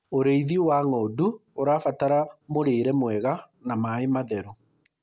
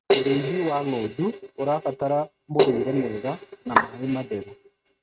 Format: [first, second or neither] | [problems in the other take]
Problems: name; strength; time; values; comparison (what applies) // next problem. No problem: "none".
first | noise reduction (neural mask model RNNoise)